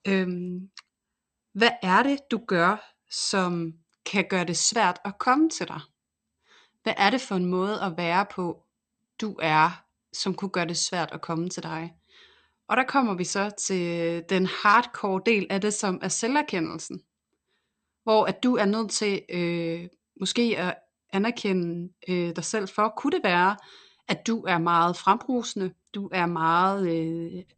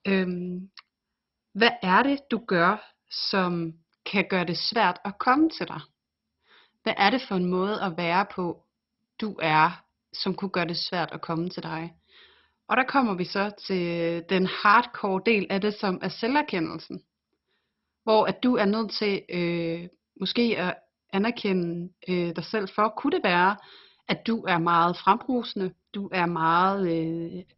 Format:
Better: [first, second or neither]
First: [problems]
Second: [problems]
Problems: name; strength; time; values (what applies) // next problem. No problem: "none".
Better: first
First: garbled, watery; slightly; nothing above 8.5 kHz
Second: garbled, watery; badly; nothing above 5.5 kHz